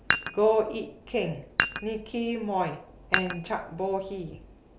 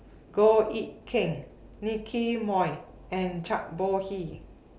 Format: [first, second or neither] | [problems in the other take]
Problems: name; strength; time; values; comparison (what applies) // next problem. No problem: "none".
second | background sound (Dishes, pots, and pans); 3 dB below the speech